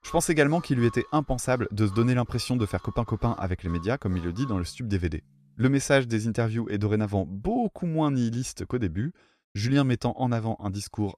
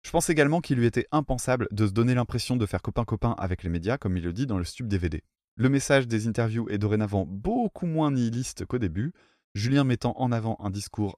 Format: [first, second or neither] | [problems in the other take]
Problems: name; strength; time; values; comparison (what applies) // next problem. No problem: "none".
second | background music; faint; until 7 s; 20 dB below the speech